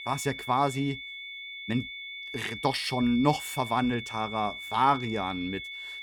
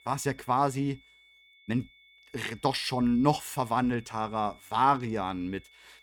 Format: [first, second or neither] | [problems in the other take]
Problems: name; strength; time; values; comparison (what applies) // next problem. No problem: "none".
second | high-pitched whine; loud; throughout; 2 kHz, 9 dB below the speech; faint in the second